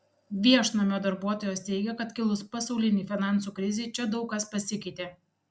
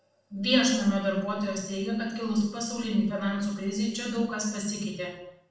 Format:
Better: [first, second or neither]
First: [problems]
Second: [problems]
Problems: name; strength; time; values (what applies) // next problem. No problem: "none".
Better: first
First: none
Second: room echo; dies away in 0.7 s